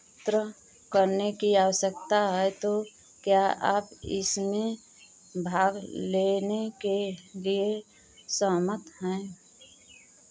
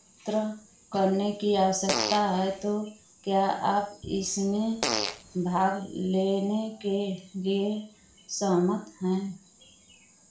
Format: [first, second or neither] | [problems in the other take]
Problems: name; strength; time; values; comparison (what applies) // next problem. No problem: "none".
first | background sound (Fart); 5 dB below the speech // room echo; dies away in 0.4 s